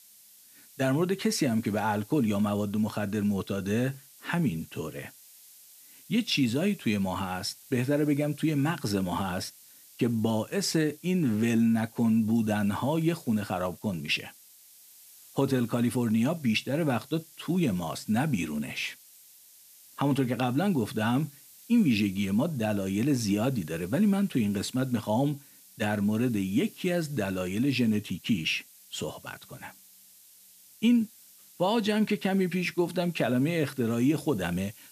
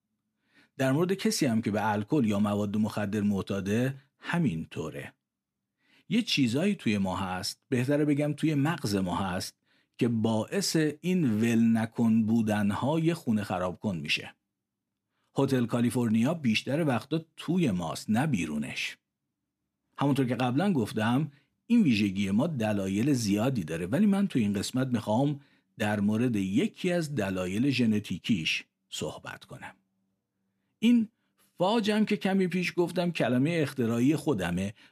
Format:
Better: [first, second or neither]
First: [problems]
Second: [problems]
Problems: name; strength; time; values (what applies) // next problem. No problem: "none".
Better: second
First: hiss; faint; throughout; 20 dB below the speech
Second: none